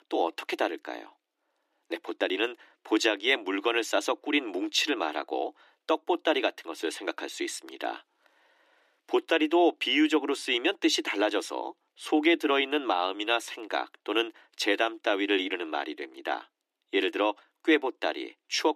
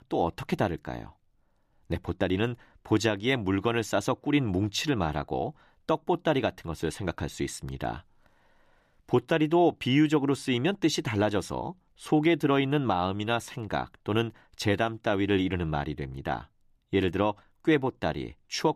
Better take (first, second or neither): second